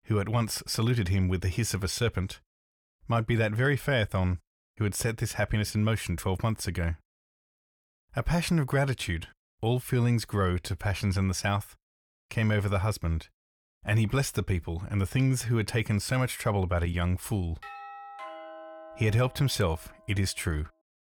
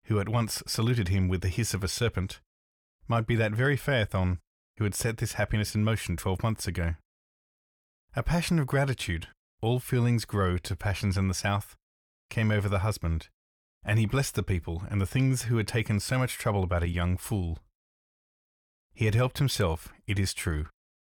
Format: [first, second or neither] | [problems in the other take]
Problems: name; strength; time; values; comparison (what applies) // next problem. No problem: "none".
second | doorbell; faint; from 18 to 20 s; peak 15 dB below the speech